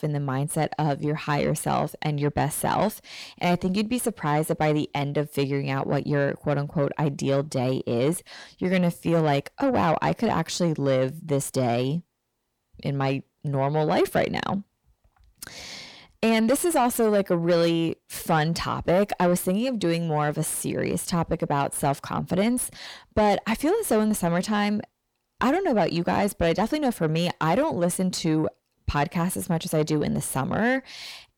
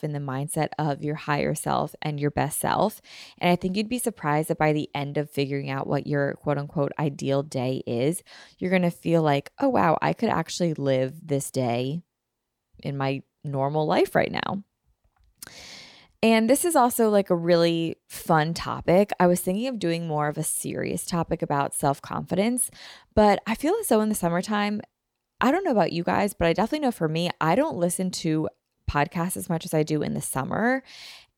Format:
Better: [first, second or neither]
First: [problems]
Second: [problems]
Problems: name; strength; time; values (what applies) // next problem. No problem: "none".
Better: second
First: distortion; slight; 10 dB below the speech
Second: none